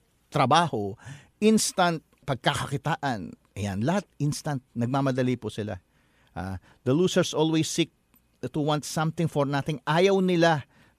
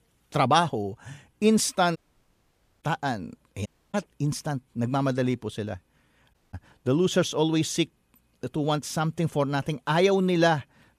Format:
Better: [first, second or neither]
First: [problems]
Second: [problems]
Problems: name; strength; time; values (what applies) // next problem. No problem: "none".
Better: first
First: none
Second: audio cutting out; at 2 s for 1 s, at 3.5 s and at 6.5 s